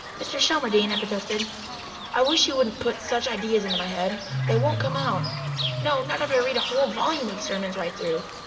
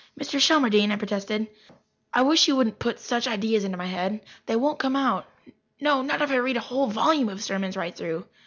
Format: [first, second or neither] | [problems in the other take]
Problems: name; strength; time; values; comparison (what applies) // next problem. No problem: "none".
second | background sound (Bird / Fowl); 5 dB below the speech // room echo; dies away in 2.3 s